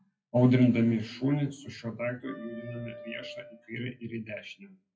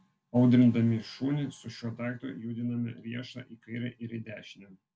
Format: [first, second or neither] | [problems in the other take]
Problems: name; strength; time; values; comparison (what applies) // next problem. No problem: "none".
second | noise reduction (classical method WPE with log-MMSE)